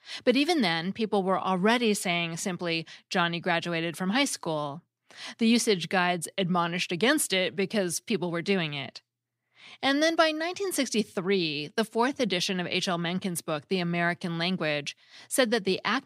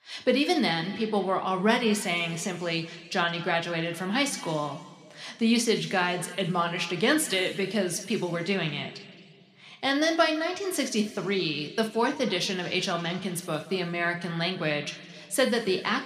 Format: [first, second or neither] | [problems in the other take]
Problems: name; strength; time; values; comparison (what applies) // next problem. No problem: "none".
first | room echo; very slight; dies away in 1.6 s